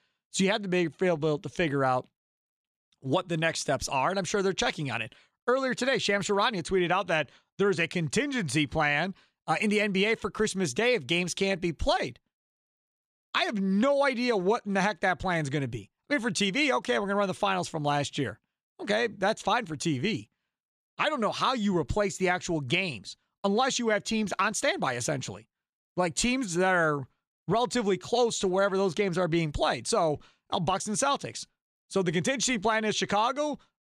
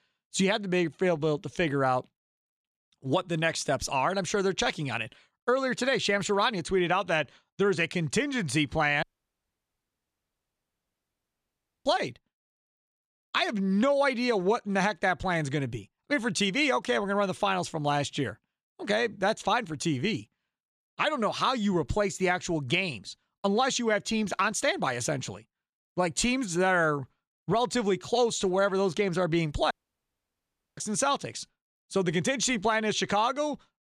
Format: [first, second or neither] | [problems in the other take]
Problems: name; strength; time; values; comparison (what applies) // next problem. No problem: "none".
first | audio cutting out; at 9 s for 3 s and at 30 s for 1 s